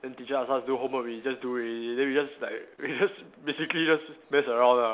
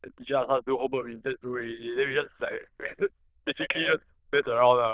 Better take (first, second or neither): first